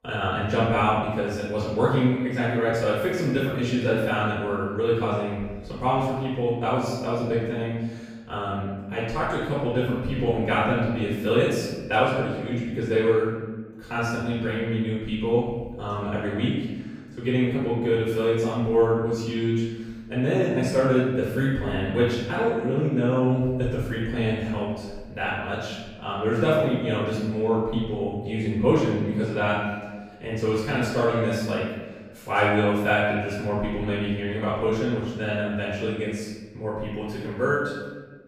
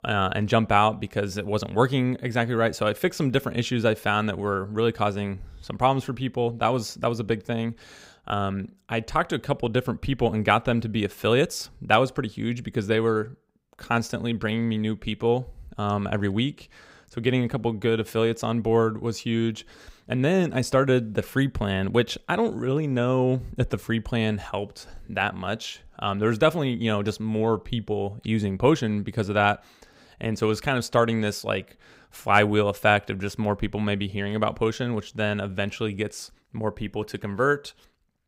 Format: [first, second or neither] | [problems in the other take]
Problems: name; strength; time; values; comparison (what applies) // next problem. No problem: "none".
second | room echo; strong; dies away in 1.2 s // off-mic speech; far